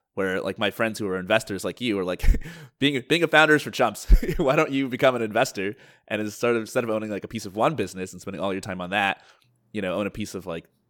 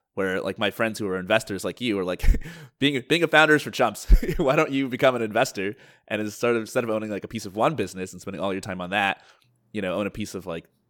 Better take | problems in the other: neither | none

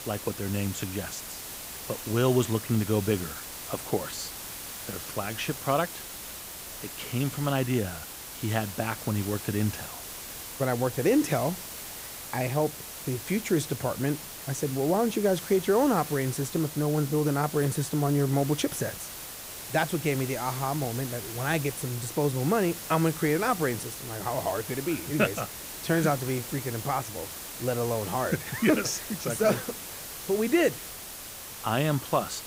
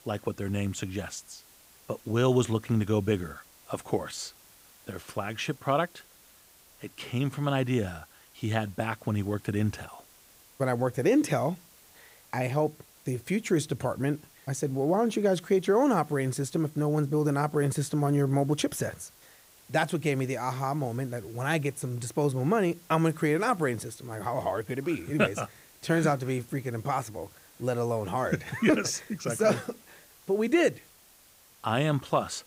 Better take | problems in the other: second | hiss; loud; throughout; 9 dB below the speech; faint in the second

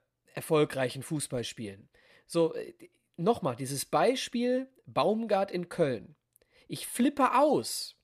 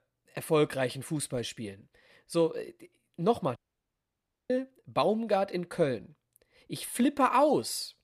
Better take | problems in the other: first | audio cutting out; at 3.5 s for 1 s

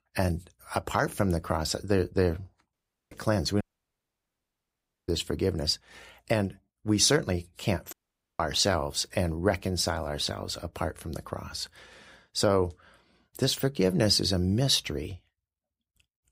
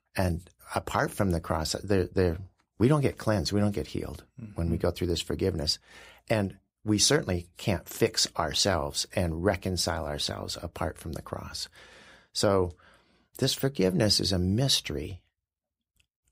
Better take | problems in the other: second | audio cutting out; at 2.5 s, at 3.5 s for 1.5 s and at 8 s

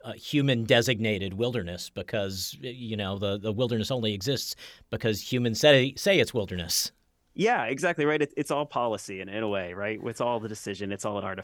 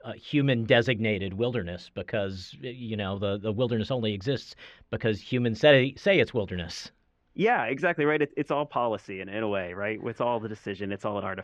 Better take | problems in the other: first | muffled; slightly; fading above 2.5 kHz

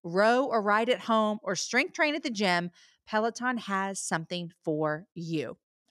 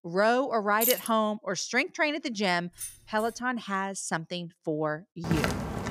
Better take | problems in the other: first | jangling keys; loud; at 1 s; peak 2 dB above the speech // jangling keys; faint; at 3 s; peak 10 dB below the speech // footsteps; noticeable; at 5 s; peak level with the speech

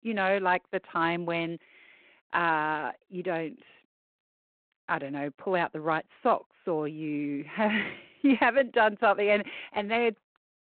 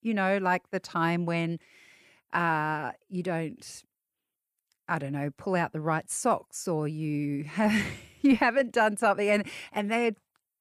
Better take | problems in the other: second | phone-call audio; nothing above 4 kHz

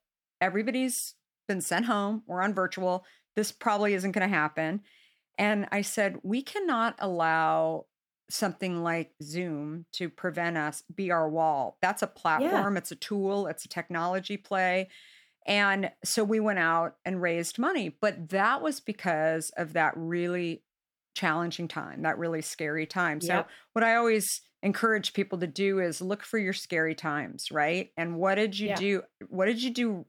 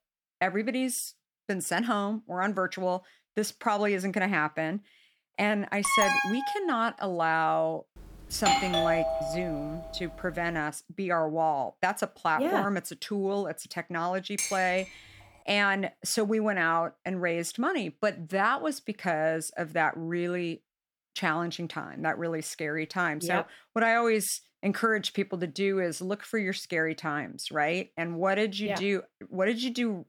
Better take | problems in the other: first | alarm; loud; at 6 s; peak 5 dB above the speech // doorbell; loud; from 8.5 to 10 s; peak 4 dB above the speech // clattering dishes; noticeable; at 14 s; peak 2 dB below the speech

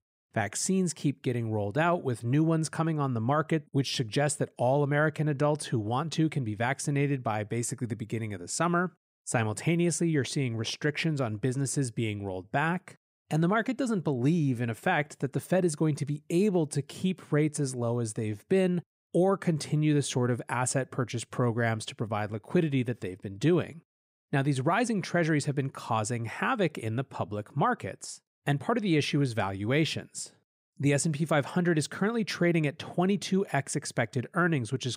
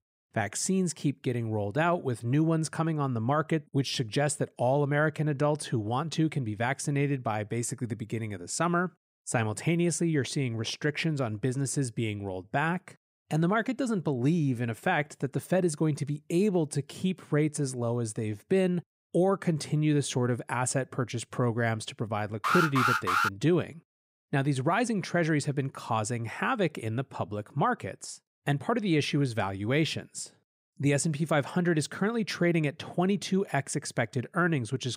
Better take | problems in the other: first | alarm; loud; at 22 s; peak 4 dB above the speech

